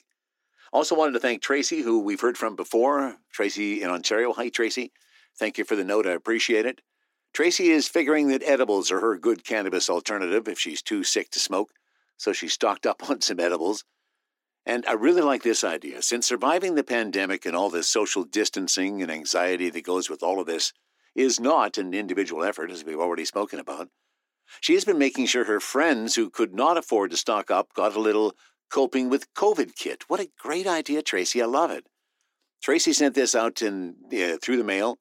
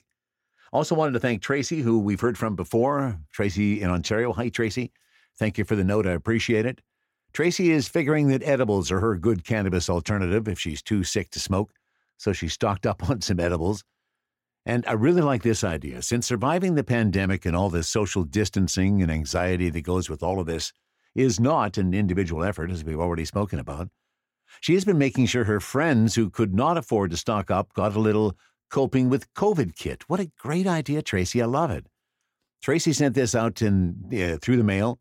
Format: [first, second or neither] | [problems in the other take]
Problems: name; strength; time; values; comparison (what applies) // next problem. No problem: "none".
second | thin; somewhat; fading below 300 Hz